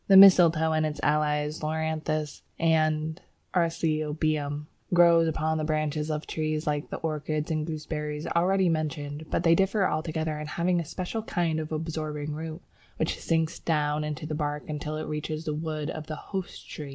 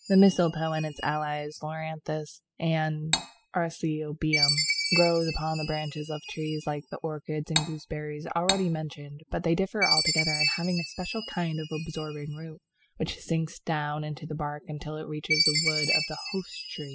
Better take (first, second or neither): first